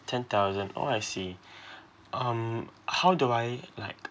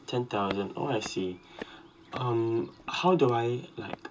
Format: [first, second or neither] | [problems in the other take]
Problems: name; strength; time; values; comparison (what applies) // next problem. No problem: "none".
first | background sound (Walk, footsteps); 17 dB below the speech // room echo; dies away in 0.2 s